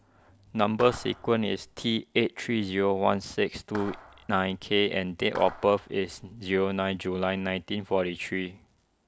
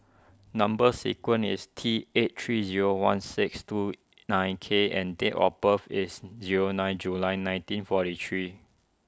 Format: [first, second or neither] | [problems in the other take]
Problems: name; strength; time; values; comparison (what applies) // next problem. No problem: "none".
second | background sound (Clapping); 16 dB below the speech